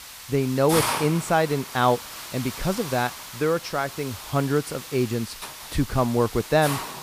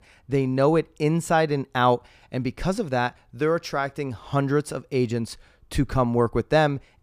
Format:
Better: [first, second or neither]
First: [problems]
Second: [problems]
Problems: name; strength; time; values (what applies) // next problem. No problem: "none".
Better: second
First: hiss; loud; throughout; 8 dB below the speech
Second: none